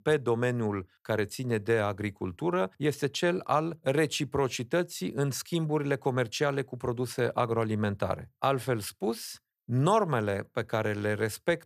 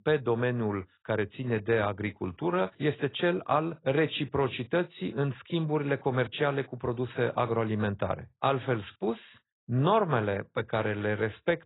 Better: first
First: none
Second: garbled, watery; badly; nothing above 4 kHz

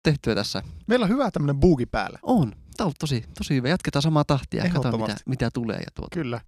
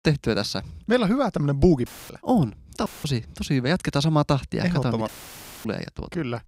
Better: first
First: none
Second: audio cutting out; filled with static; at 2 s, at 3 s and at 5 s for 0.5 s

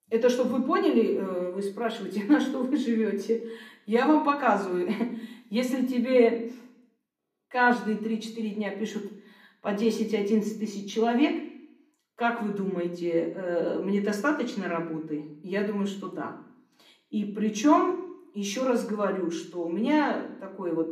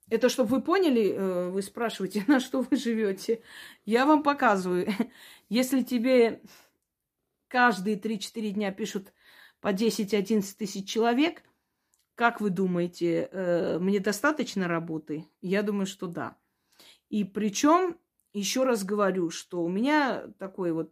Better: second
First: room echo; slight; dies away in 0.7 s // off-mic speech; somewhat distant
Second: none

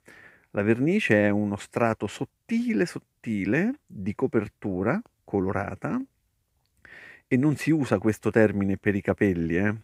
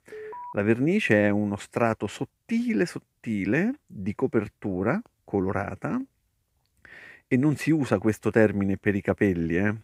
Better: first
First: none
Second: alarm; faint; at the start; peak 15 dB below the speech

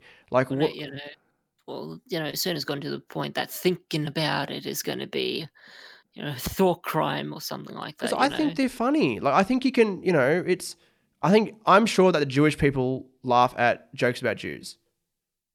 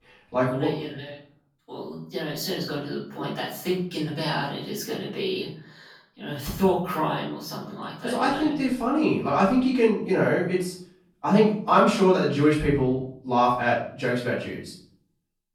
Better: first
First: none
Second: room echo; noticeable; dies away in 0.5 s // off-mic speech; far

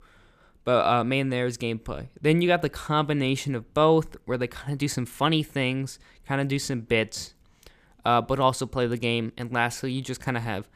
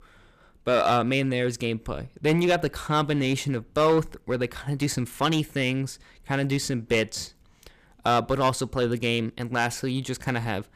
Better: first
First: none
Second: distortion; slight; 4% of the sound clipped

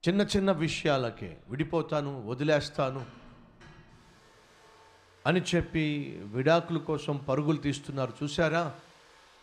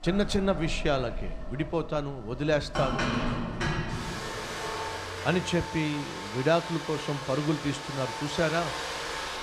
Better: first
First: household noises; faint; throughout; 30 dB below the speech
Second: household noises; loud; throughout; 5 dB below the speech

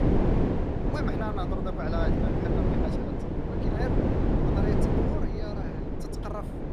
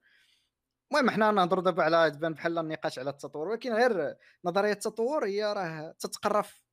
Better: second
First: wind noise on the microphone; heavy; 5 dB above the speech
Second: none

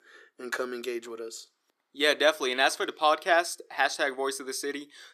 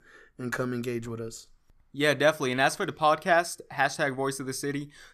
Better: second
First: thin; somewhat; fading below 350 Hz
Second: none

